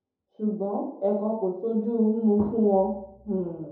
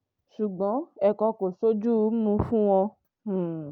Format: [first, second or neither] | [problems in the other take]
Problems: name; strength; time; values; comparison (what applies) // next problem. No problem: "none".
second | room echo; dies away in 2.6 s